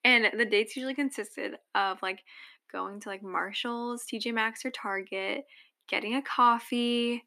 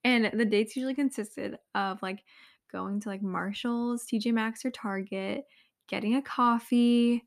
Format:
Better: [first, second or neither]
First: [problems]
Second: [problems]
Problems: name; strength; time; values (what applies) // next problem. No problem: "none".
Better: second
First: thin; somewhat; fading below 300 Hz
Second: none